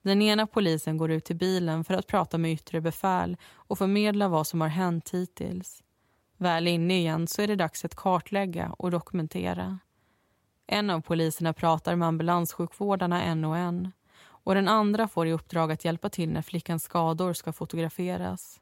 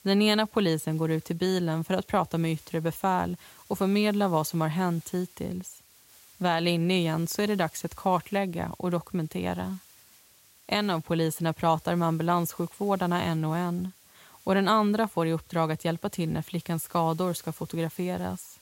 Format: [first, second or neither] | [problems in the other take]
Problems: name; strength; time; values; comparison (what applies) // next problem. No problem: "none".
first | hiss; faint; throughout; 25 dB below the speech